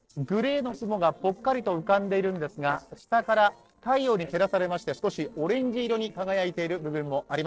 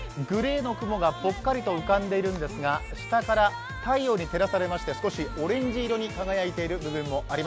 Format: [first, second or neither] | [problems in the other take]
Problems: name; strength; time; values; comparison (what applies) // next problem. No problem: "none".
second | noise reduction (neural separator model SepFormer DNS4)